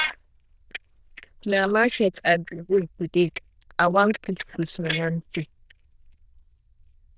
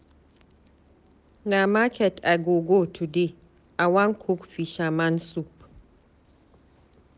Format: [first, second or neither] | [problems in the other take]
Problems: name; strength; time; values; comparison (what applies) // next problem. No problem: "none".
second | noise reduction (neural diffusion model UNIVERSE++)